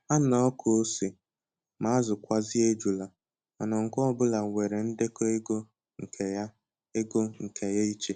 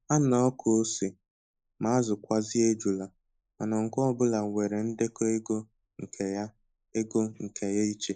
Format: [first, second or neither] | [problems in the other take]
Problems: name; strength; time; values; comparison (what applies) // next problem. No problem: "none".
first | noise reduction (neural mask model Resemble Enhance denoiser)